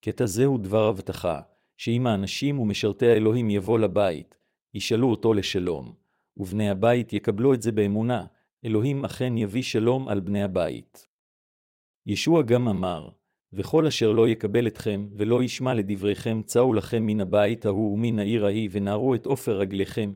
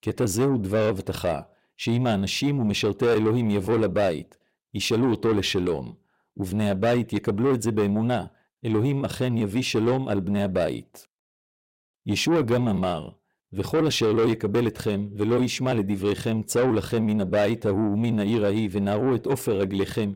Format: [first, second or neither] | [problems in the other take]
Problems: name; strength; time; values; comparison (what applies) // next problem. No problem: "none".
first | distortion; slight; 10 dB below the speech